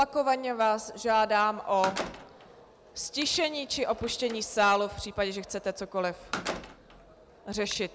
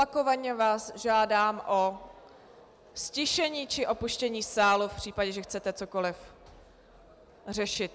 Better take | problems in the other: second | background sound (Slam); 14 dB below the speech

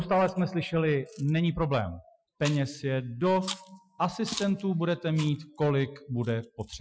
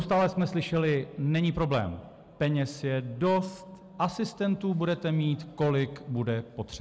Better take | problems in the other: second | noise reduction (classical method Wiener filter)

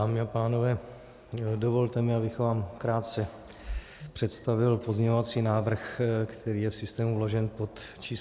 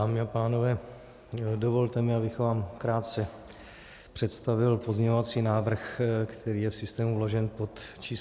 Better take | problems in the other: second | background sound (Bird vocalization, bird call, bird song); 16 dB below the speech

